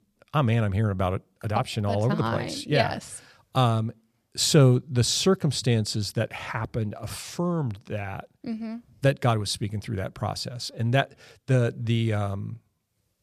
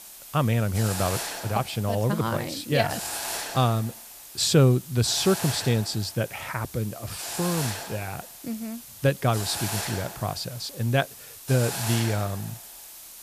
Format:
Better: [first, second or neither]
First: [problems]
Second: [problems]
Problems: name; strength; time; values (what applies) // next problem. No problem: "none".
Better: first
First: none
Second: hiss; loud; throughout; 8 dB below the speech